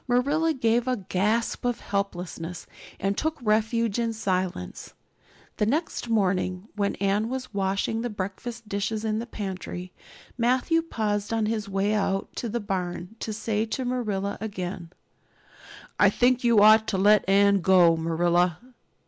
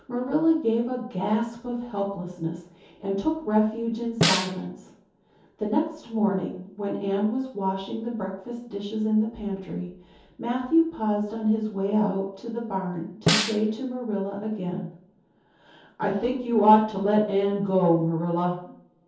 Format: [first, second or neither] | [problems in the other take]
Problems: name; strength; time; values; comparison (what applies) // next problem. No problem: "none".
first | background sound (Snare drum); 2 dB below the speech // room echo; dies away in 0.6 s